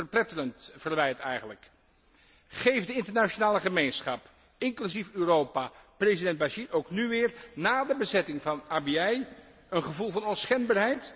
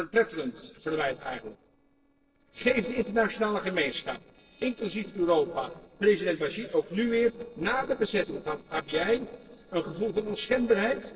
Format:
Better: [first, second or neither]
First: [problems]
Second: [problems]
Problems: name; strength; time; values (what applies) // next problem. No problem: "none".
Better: first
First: none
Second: noise reduction (neural separator model SepFormer DNS4)